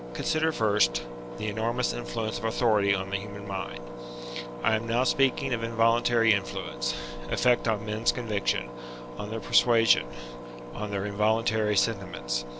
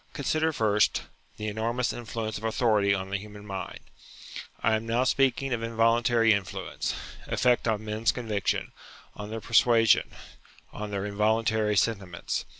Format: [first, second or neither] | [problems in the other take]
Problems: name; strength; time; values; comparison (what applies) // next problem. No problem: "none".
second | background sound (Engine); 10 dB below the speech